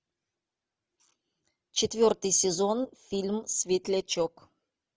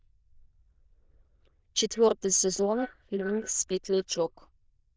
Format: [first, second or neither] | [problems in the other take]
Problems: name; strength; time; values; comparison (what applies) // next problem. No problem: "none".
first | noise reduction (neural diffusion model UNIVERSE++)